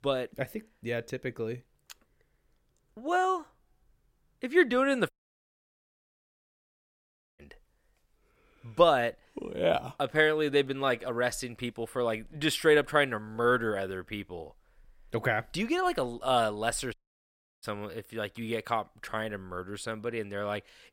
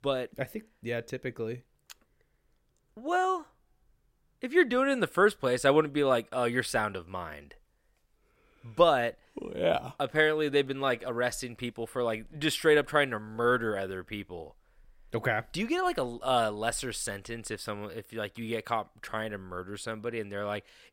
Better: second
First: audio cutting out; at 5 s for 2.5 s and at 17 s for 0.5 s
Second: none

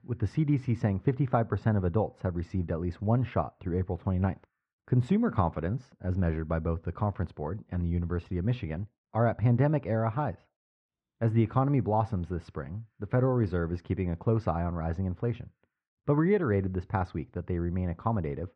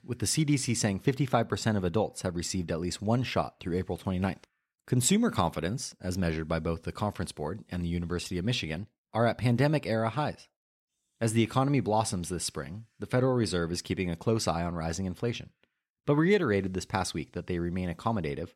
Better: second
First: muffled; very; fading above 1.5 kHz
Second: none

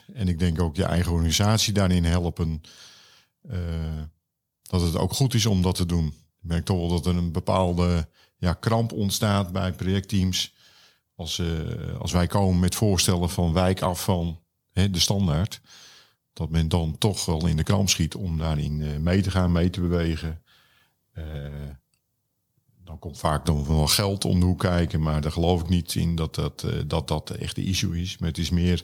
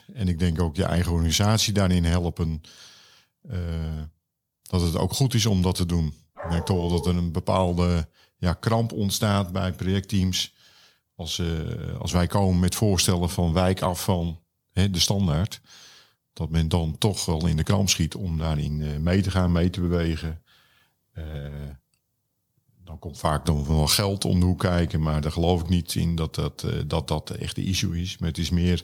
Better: first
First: none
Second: dog barking; noticeable; at 6.5 s; peak 9 dB below the speech

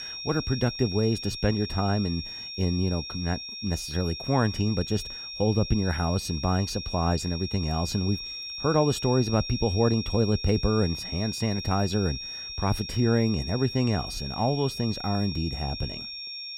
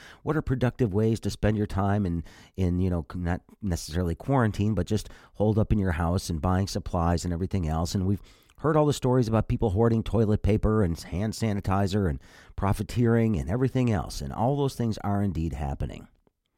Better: second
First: high-pitched whine; loud; throughout; 5.5 kHz, 7 dB below the speech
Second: none

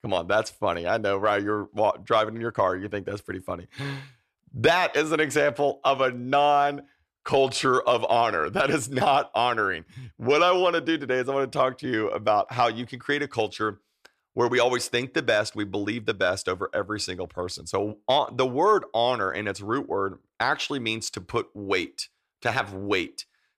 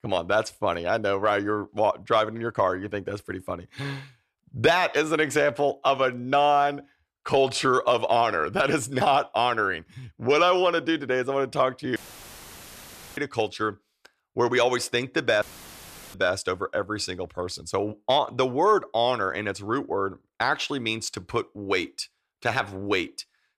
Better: first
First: none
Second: audio cutting out; filled with static; at 12 s for 1 s and at 15 s for 0.5 s

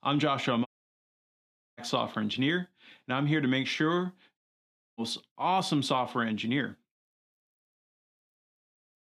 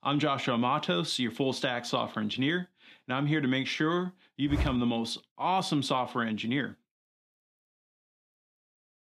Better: second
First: audio cutting out; at 0.5 s for 1 s and at 4.5 s for 0.5 s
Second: none

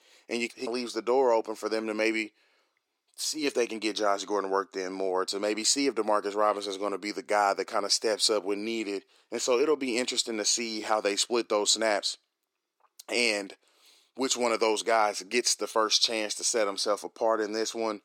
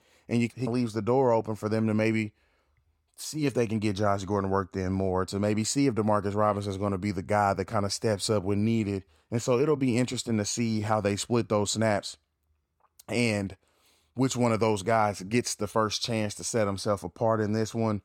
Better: second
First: thin; somewhat; fading below 350 Hz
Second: none

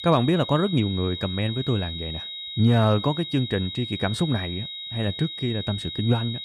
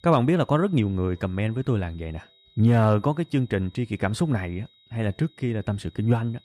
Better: second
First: high-pitched whine; loud; throughout; 4 kHz, 8 dB below the speech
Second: high-pitched whine; faint; throughout; 4 kHz, 30 dB below the speech

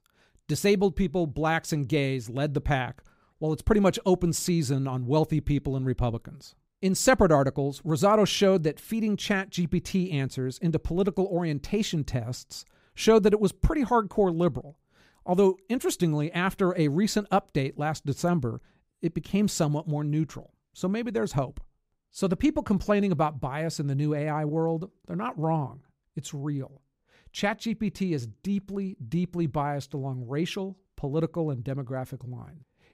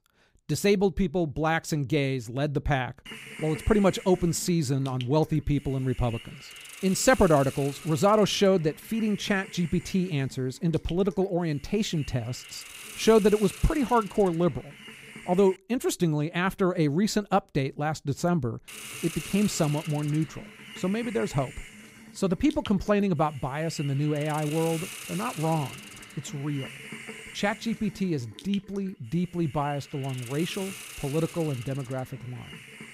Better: first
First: none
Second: hiss; noticeable; from 3 to 16 s and from 19 s on; 15 dB below the speech

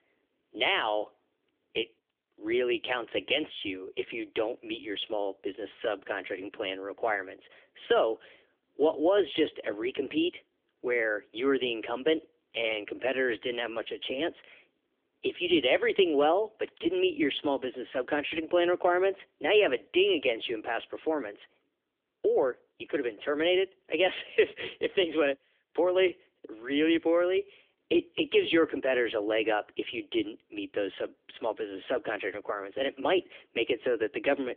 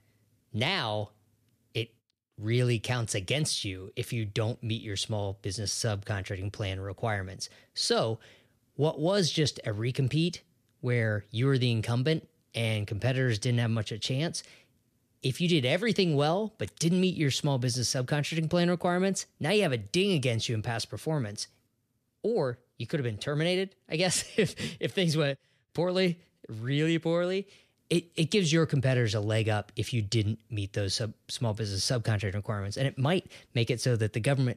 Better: second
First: phone-call audio; nothing above 3.5 kHz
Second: none

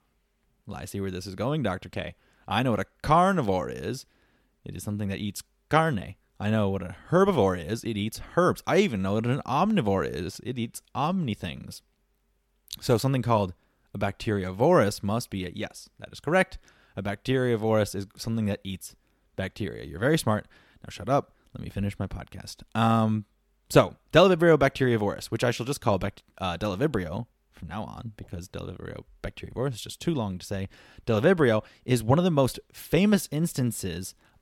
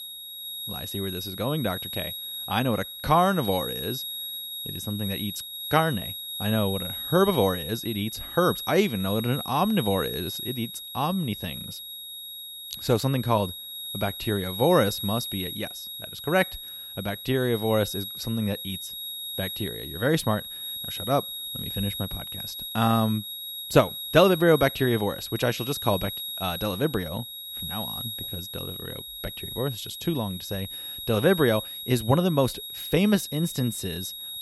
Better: first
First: none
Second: high-pitched whine; loud; throughout; 4 kHz, 7 dB below the speech

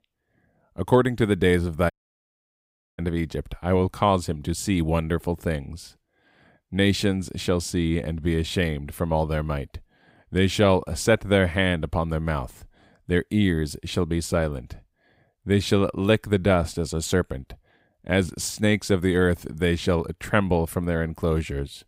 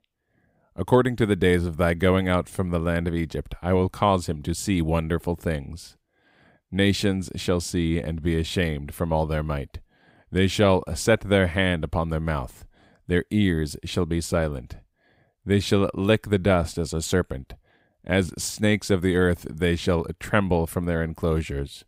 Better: second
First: audio cutting out; at 2 s for 1 s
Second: none

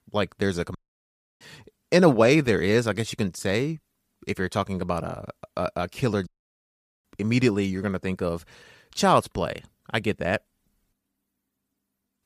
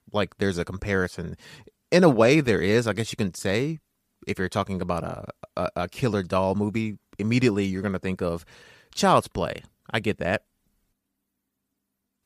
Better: second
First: audio cutting out; at 1 s for 0.5 s and at 6.5 s for 1 s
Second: none

